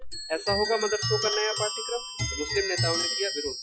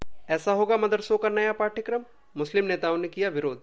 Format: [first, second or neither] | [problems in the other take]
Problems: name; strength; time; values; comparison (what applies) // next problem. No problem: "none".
second | noise reduction (classical method Wiener filter)